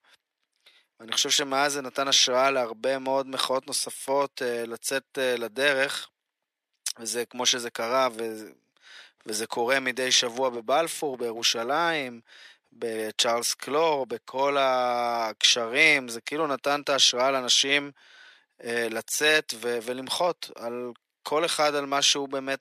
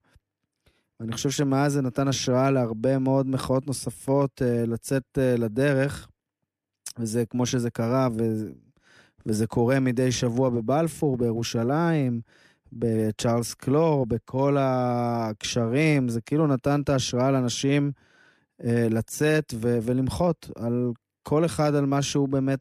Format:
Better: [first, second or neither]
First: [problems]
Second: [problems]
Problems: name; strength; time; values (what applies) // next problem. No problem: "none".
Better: second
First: thin; very; fading below 700 Hz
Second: none